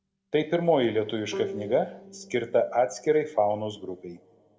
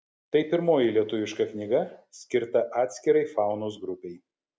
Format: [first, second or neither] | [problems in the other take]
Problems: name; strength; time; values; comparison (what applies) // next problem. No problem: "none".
second | background sound (Bowed string instrument); 17 dB below the speech // room echo; dies away in 1.2 s